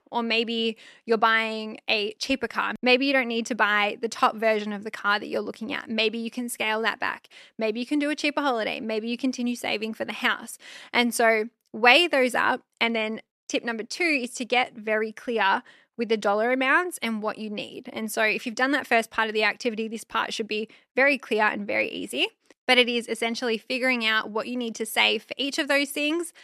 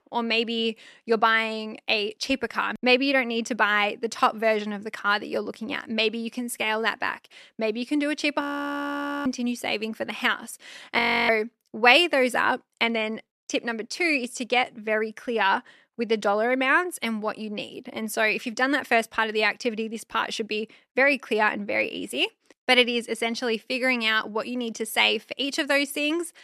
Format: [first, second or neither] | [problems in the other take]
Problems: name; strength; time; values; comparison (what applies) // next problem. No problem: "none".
first | audio freezing; at 8.5 s for 1 s and at 11 s